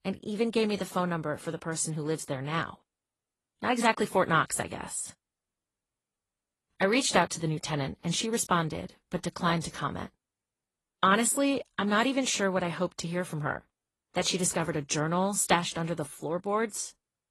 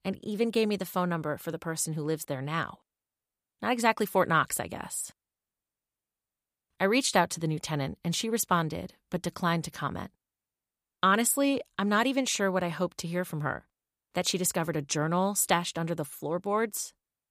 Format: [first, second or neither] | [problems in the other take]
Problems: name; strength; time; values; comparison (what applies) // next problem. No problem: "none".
second | garbled, watery; slightly; nothing above 11.5 kHz